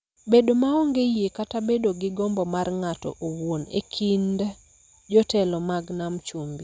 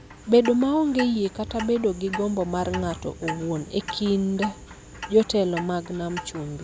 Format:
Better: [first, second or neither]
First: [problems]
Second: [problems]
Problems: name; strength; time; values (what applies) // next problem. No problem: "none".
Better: first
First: none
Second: background sound (Clock); 13 dB below the speech